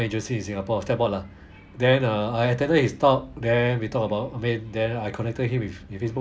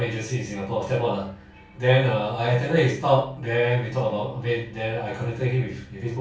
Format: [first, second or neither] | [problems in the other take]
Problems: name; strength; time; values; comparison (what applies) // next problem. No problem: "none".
first | room echo; dies away in 0.3 s